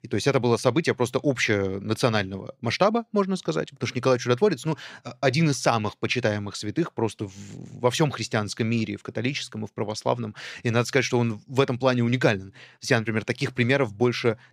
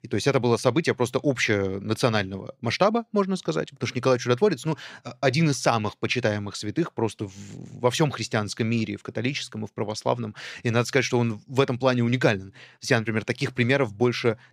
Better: neither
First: none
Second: none

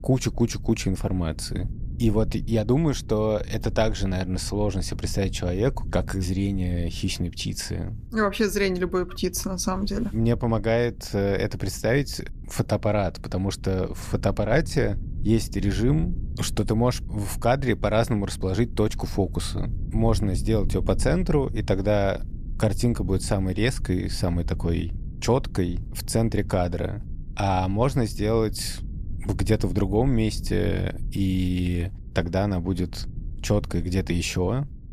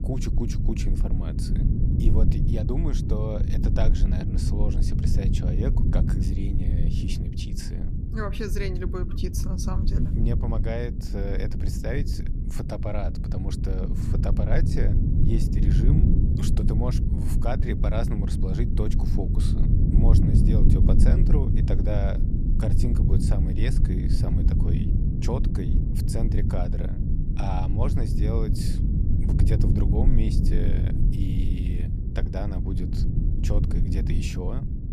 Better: first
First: low rumble; faint; throughout; 20 dB below the speech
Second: low rumble; loud; throughout; 1 dB below the speech

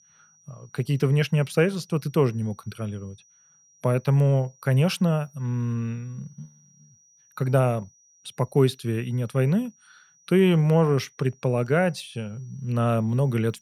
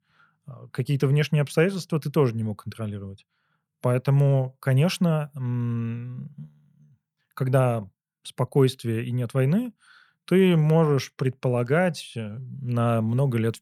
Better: second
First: high-pitched whine; faint; throughout; 6 kHz, 30 dB below the speech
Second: none

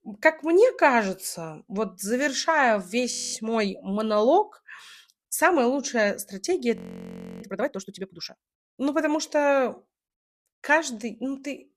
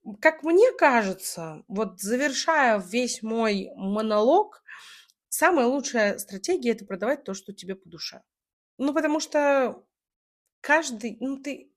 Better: second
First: audio freezing; at 3 s and at 7 s for 0.5 s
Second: none

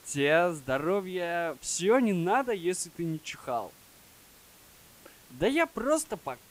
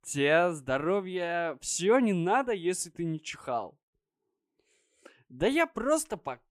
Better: second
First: hiss; faint; throughout; 25 dB below the speech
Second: none

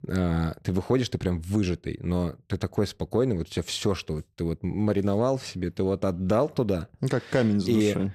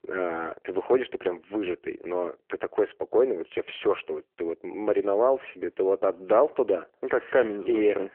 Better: first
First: none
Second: phone-call audio

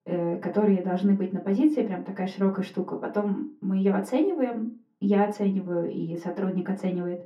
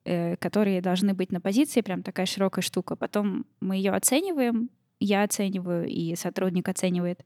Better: second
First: room echo; slight; dies away in 0.3 s // off-mic speech; far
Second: none

